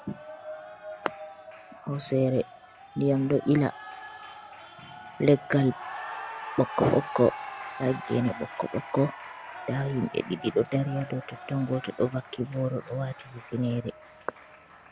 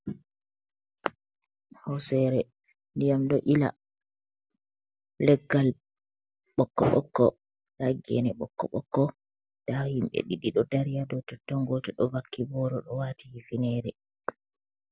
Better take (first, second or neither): second